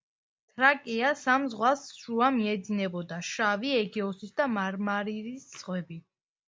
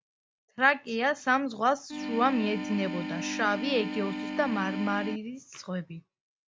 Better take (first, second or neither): first